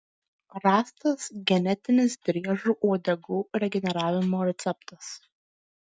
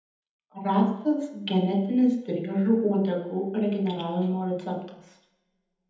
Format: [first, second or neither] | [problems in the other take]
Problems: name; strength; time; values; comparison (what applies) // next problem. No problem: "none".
first | room echo; dies away in 1 s